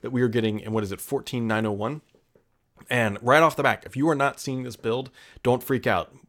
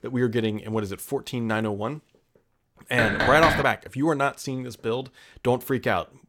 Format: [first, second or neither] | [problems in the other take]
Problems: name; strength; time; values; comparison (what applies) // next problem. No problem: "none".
first | door banging; loud; at 3 s; peak 3 dB above the speech